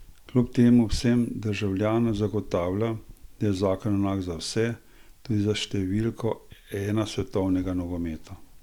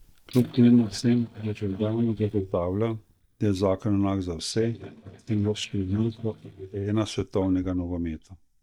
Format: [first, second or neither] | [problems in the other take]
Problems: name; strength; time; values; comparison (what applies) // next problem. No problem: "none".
first | noise reduction (neural mask model DeepFilterNet 3)